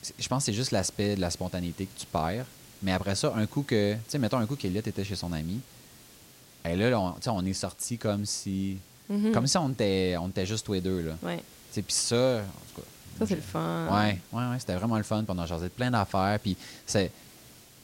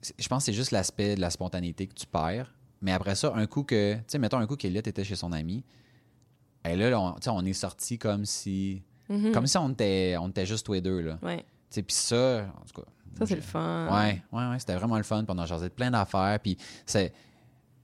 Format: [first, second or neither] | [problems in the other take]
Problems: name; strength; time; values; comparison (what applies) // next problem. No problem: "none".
second | hiss; faint; throughout; 20 dB below the speech